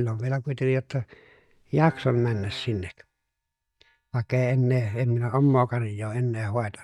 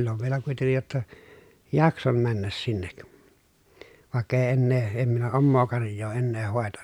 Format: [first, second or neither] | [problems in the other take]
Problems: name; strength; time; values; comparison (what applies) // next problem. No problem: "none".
second | noise reduction (neural mask model DeepFilterNet 3)